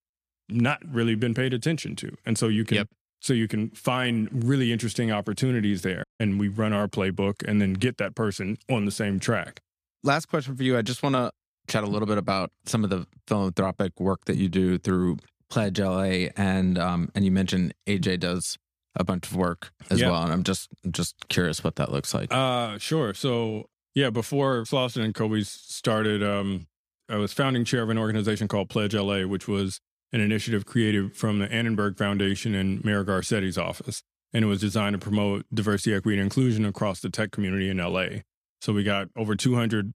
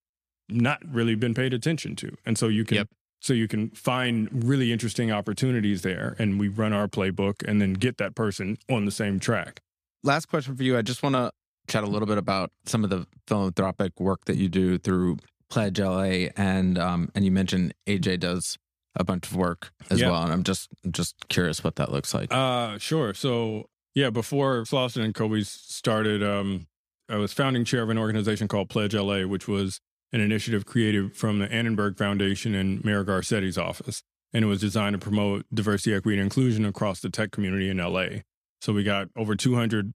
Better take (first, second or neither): second